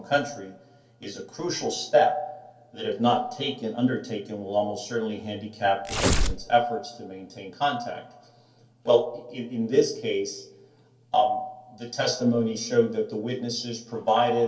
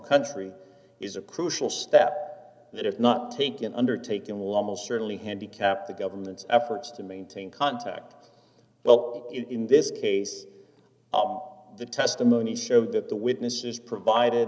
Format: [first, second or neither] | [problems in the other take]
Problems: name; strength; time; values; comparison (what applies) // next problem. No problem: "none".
second | background sound (Tearing); 2 dB above the speech // room echo; dies away in 0.3 s